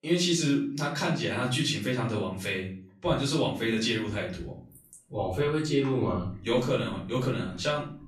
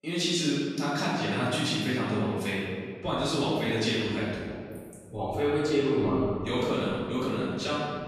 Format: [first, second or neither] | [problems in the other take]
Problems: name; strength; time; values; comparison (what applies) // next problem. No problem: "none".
first | room echo; strong; dies away in 1.8 s; slight in the first // off-mic speech; far; far in the first